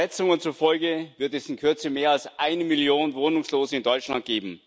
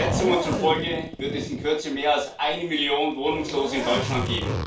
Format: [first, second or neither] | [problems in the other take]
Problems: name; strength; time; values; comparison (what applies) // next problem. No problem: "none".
first | background sound (Zipper (clothing)); 5 dB below the speech // room echo; dies away in 0.2 s